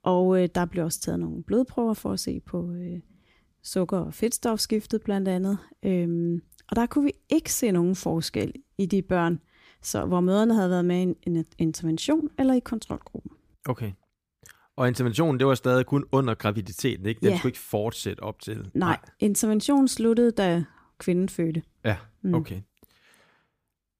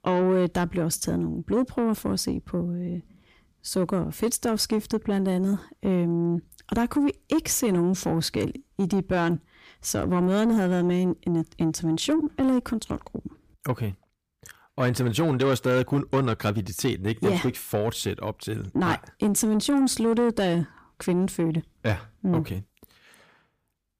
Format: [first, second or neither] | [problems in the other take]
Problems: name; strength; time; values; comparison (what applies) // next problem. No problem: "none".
first | distortion; slight; 10 dB below the speech